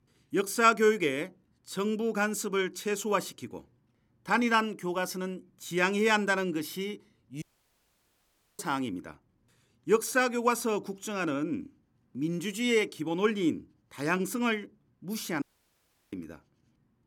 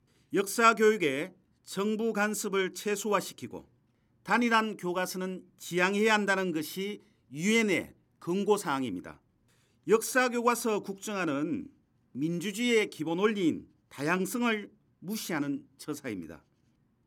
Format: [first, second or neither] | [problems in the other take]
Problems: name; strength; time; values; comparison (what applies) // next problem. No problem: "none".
second | audio cutting out; at 7.5 s for 1 s and at 15 s for 0.5 s